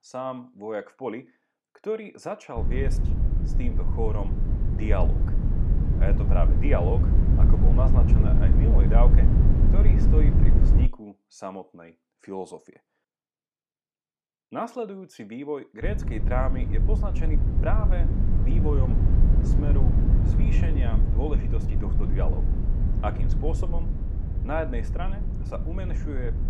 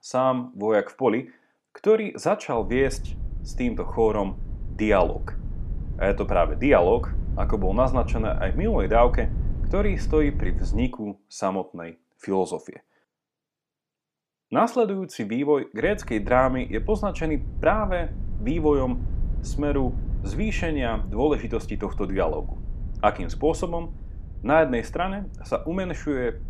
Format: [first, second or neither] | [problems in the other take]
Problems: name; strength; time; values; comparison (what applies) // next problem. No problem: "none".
second | low rumble; loud; from 2.5 to 11 s and from 16 s on; 3 dB below the speech; faint in the second